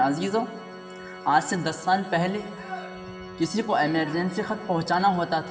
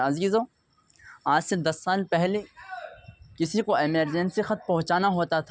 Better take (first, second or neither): second